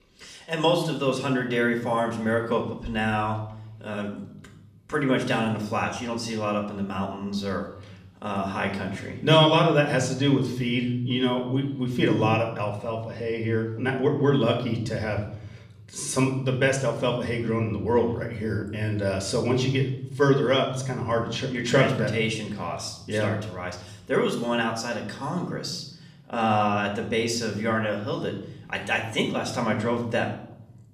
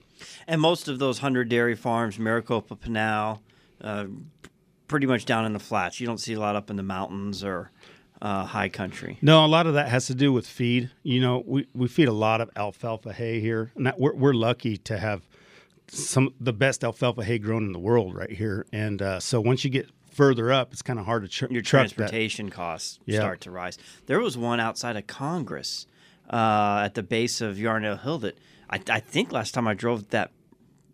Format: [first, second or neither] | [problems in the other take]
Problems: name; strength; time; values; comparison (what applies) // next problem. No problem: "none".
second | room echo; slight; dies away in 0.8 s // off-mic speech; somewhat distant